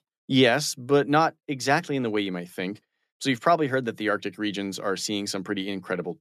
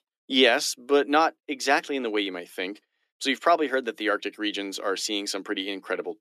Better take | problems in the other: first | thin; very slightly; fading below 250 Hz

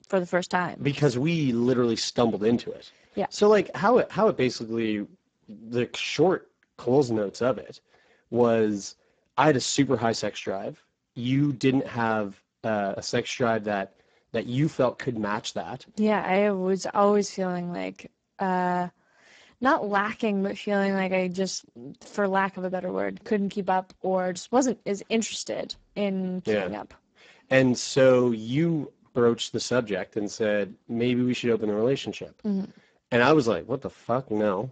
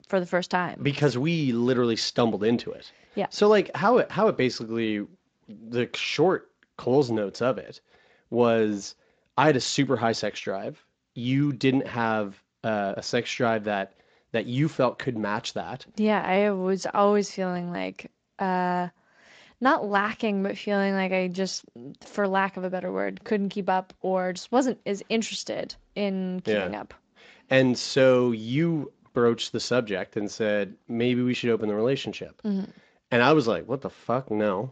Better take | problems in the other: second | garbled, watery; badly; nothing above 7.5 kHz; slightly in the second

